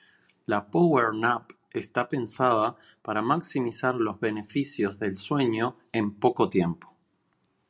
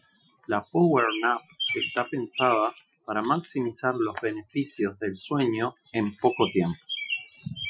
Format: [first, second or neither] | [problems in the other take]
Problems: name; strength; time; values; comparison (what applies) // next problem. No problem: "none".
first | noise reduction (classical method Wiener filter)